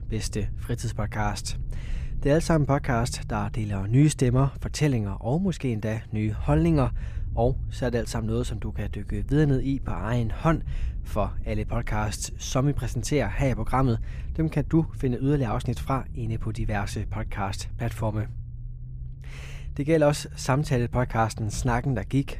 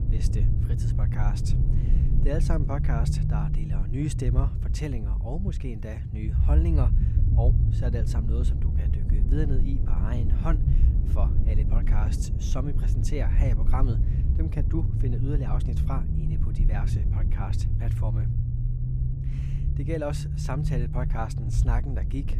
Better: first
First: low rumble; faint; throughout; 25 dB below the speech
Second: low rumble; loud; throughout; 3 dB below the speech

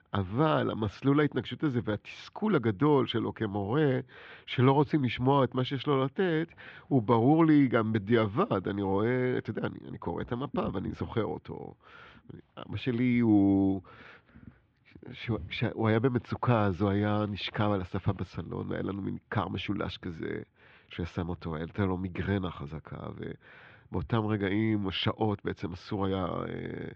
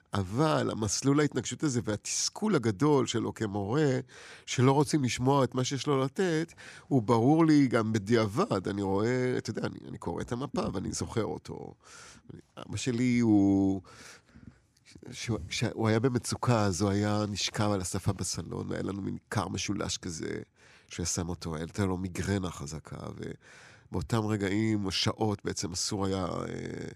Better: second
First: muffled; very; fading above 3.5 kHz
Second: none

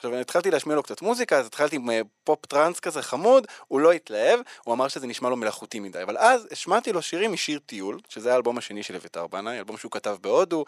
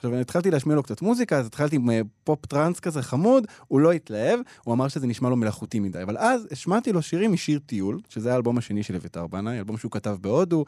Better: second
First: thin; somewhat; fading below 550 Hz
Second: none

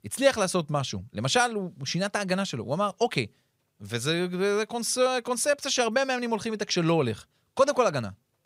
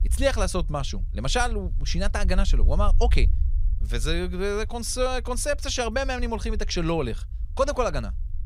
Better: first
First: none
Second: low rumble; faint; throughout; 25 dB below the speech

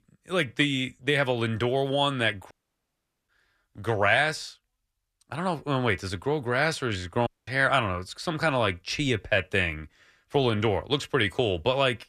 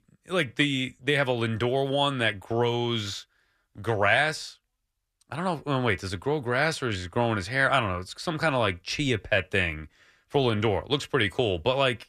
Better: second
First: audio cutting out; at 2.5 s for 1 s and at 7.5 s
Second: none

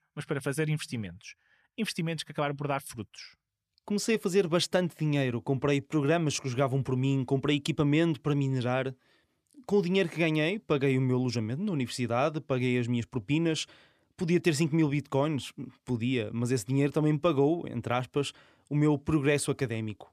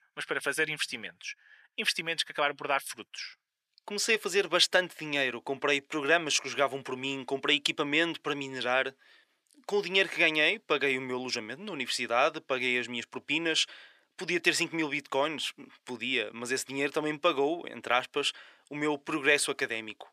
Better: first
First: none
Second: thin; very; fading below 500 Hz

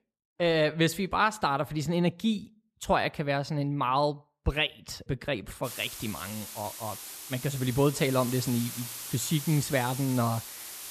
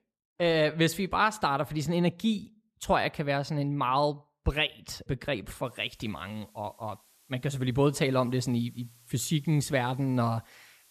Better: second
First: hiss; loud; from 5.5 s on; 9 dB below the speech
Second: hiss; faint; from 5.5 s on; 30 dB below the speech

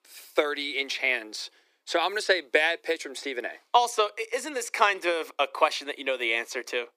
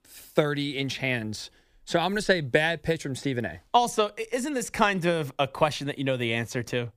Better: second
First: thin; very; fading below 350 Hz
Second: none

